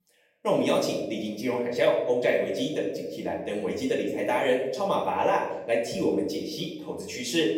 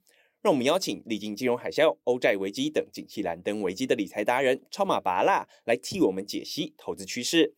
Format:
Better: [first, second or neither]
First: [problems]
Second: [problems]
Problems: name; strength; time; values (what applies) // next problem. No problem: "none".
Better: second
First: off-mic speech; far // room echo; noticeable; dies away in 1.1 s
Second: none